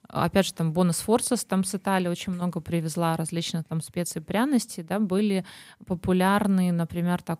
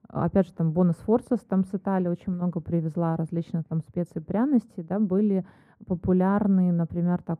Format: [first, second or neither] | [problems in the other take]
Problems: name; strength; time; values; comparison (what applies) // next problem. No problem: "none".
first | muffled; very; fading above 1.5 kHz